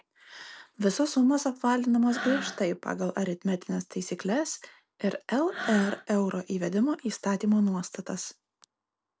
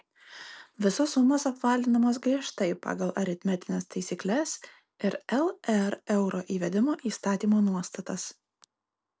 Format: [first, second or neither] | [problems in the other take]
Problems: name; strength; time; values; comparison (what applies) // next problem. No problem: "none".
second | background sound (Breathing); 11 dB below the speech